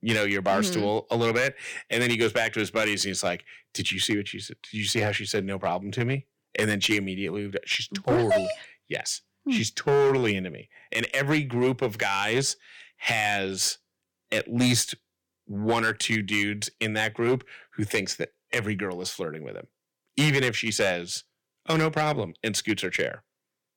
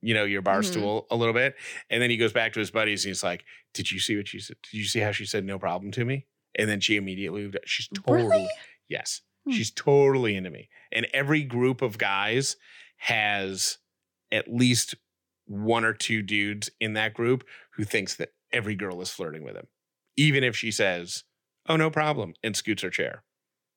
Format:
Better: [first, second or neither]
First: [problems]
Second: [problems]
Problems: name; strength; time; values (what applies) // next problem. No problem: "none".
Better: second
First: distortion; slight; 4% of the sound clipped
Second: none